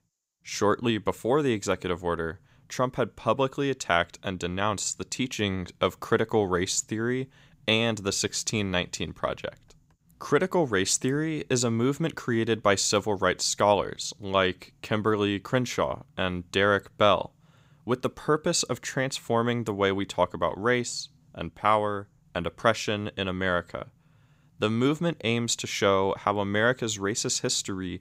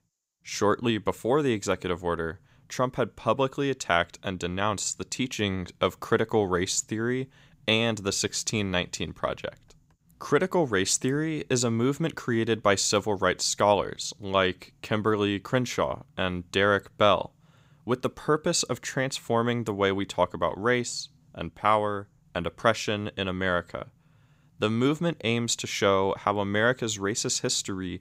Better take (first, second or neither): neither